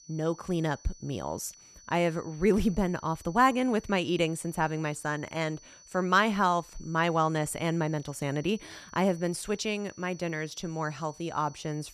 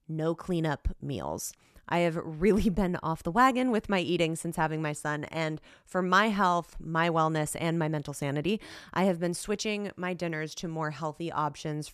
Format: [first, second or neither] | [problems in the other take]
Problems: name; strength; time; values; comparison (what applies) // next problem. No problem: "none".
second | high-pitched whine; faint; throughout; 6 kHz, 20 dB below the speech